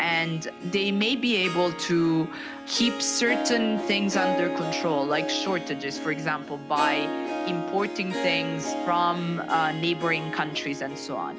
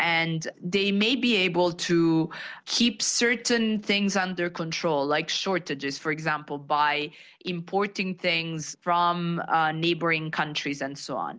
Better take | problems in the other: second | background sound (Harp); 5 dB below the speech

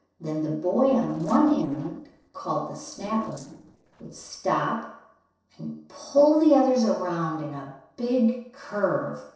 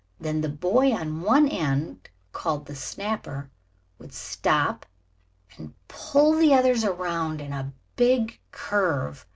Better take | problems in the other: second | noise reduction (neural separator model SepFormer DNS4)

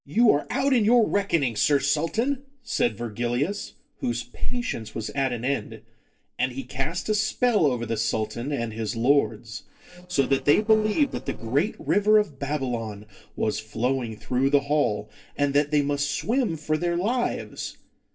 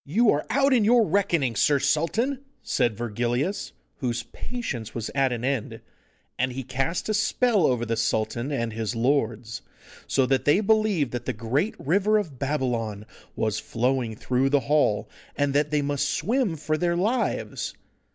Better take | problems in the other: second | noise reduction (neural separator model SepFormer DNS4)

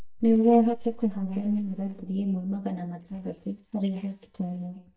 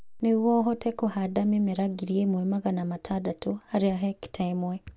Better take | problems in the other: second | noise reduction (neural mask model DeepFilterNet 3)

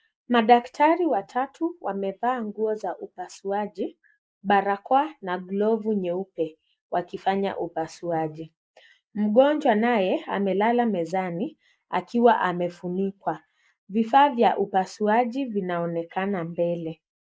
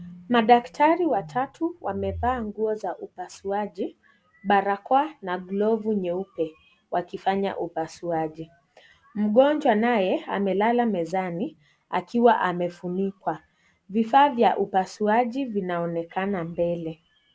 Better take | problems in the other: second | noise reduction (neural mask model Resemble Enhance denoiser)

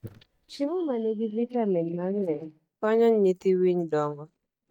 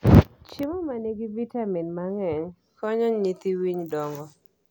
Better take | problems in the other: second | noise reduction (neural mask model DeepFilterNet 3)

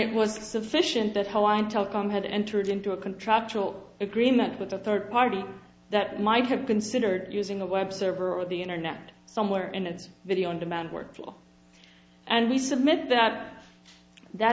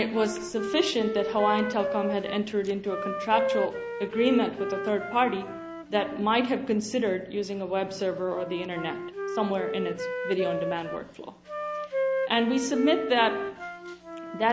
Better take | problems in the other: first | background sound (Wind instrument, woodwind instrument); 5 dB below the speech

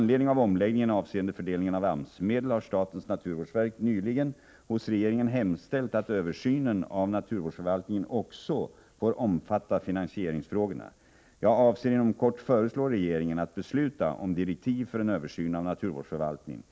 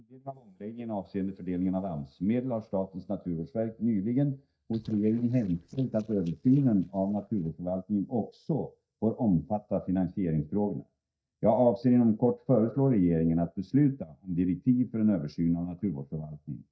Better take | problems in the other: first | noise reduction (neural mask model DeepFilterNet 3)

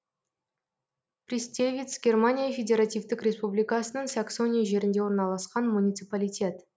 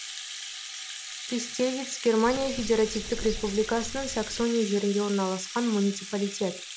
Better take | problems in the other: first | background sound (Bird + Rattle (instrument)); 9 dB below the speech

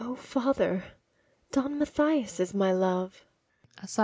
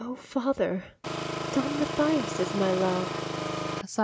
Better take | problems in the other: first | background sound (Engine); 3 dB below the speech

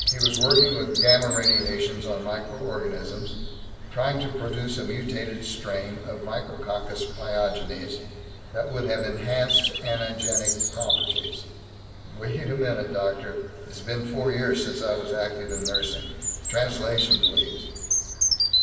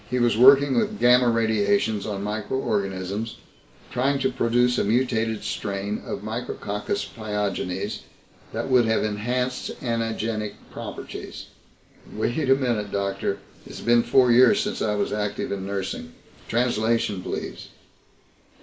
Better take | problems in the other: second | background sound (Bird vocalization, bird call, bird song); as loud as the speech // room echo; dies away in 2 s

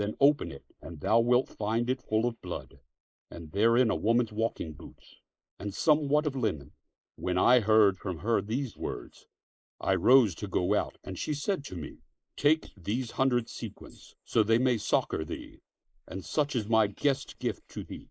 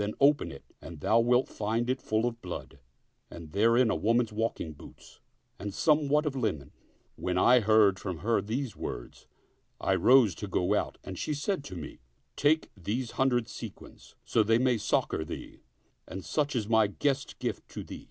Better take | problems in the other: second | noise reduction (neural mask model Resemble Enhance denoiser)

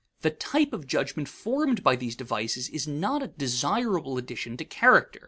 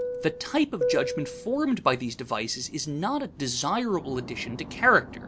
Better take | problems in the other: first | background sound (Fixed-wing aircraft, airplane); 8 dB below the speech

